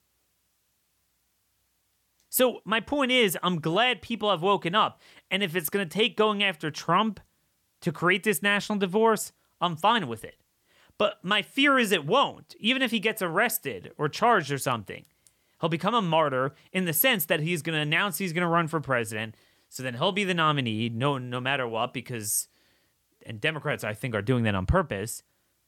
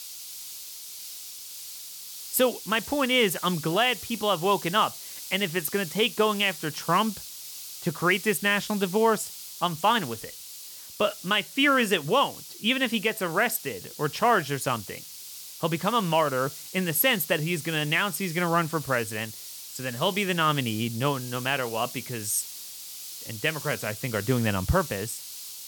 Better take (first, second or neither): first